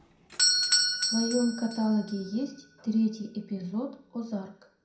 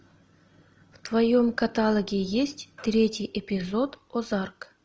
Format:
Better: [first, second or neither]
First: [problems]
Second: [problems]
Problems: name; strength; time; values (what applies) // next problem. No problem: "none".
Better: second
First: background sound (Doorbell); 1 dB below the speech // room echo; dies away in 0.5 s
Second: none